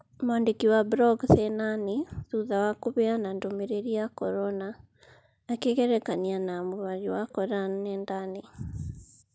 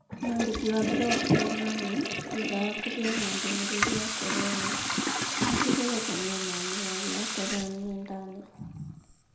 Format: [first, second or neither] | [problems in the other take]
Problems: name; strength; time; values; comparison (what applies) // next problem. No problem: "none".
first | background sound (Toilet flush / Water tap, faucet); 1 dB above the speech // room echo; dies away in 0.6 s